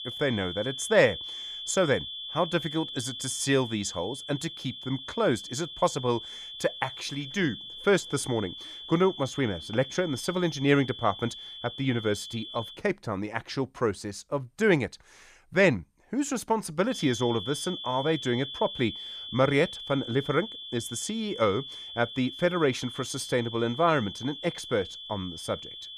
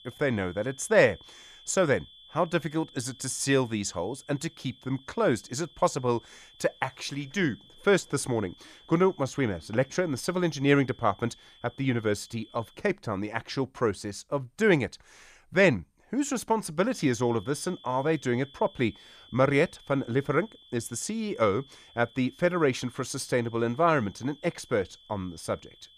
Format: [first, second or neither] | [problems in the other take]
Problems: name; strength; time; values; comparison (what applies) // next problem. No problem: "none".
second | high-pitched whine; loud; until 13 s and from 17 s on; 3.5 kHz, 9 dB below the speech; faint in the second